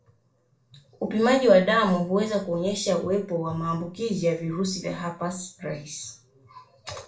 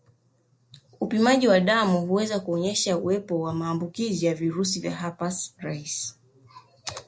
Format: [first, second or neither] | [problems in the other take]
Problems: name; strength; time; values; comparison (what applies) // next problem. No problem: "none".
second | room echo; dies away in 0.3 s